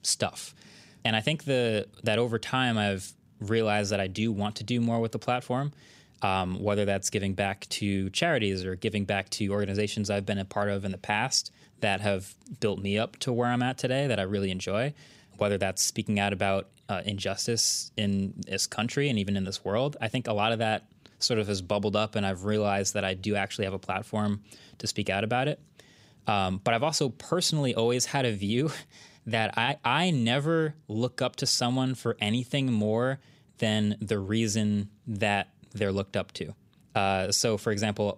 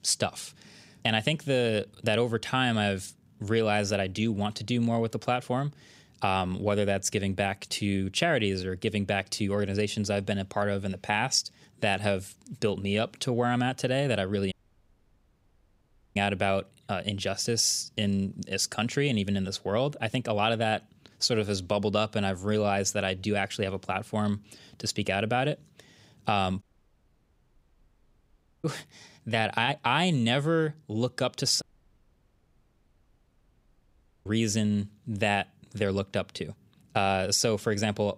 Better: first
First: none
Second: audio cutting out; at 15 s for 1.5 s, at 27 s for 2 s and at 32 s for 2.5 s

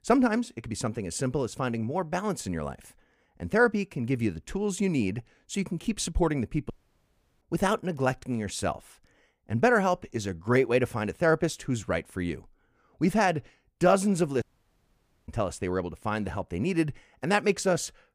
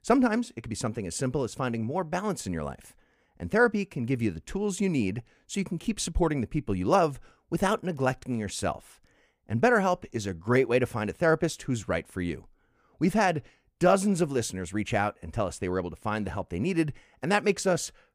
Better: second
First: audio cutting out; at 6.5 s for 0.5 s and at 14 s for 1 s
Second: none

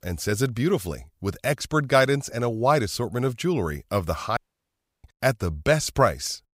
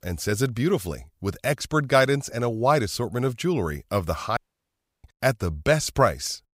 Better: neither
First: audio cutting out; at 4.5 s for 0.5 s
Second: audio cutting out; at 4.5 s for 0.5 s

